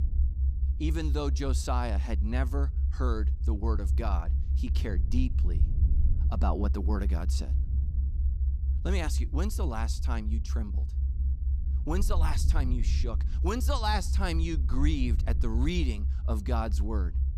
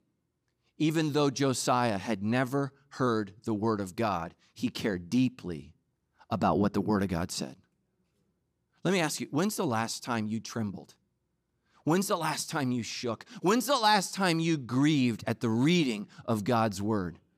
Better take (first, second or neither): second